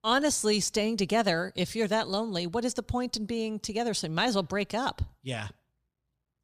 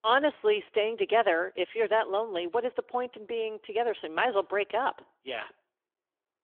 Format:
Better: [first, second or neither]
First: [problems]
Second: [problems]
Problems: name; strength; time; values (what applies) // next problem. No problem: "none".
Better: first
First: none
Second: phone-call audio; nothing above 3.5 kHz